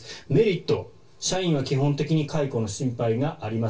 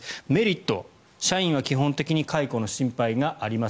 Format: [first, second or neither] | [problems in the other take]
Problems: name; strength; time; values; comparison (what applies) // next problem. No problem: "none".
second | room echo; dies away in 0.2 s